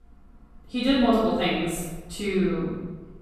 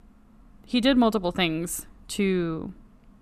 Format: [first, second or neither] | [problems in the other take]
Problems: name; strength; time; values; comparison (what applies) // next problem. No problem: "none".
second | room echo; strong; dies away in 1.2 s // off-mic speech; far